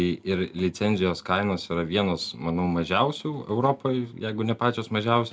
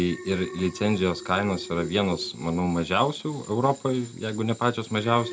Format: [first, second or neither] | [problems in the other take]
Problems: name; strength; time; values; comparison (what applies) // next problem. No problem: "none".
first | background sound (Alarm + Tools); 15 dB below the speech